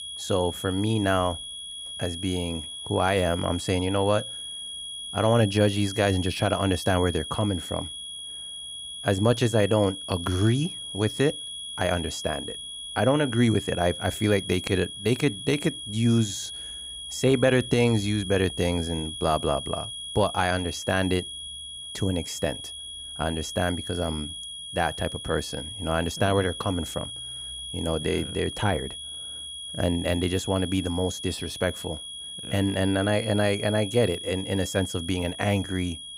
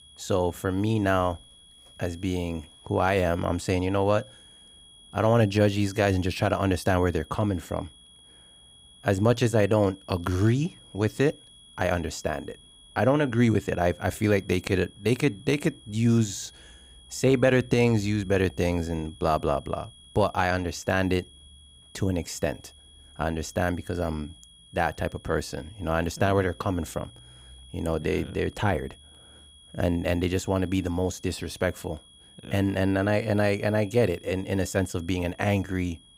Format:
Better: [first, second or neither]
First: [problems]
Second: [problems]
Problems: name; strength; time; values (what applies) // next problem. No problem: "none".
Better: second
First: high-pitched whine; loud; throughout; 3.5 kHz, 8 dB below the speech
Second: high-pitched whine; faint; throughout; 3.5 kHz, 25 dB below the speech